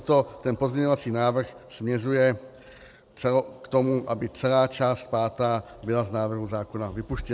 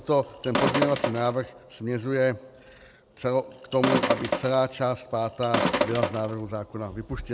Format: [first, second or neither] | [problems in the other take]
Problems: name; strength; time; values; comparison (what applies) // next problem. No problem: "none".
first | background sound (Sink (filling or washing)); 1 dB below the speech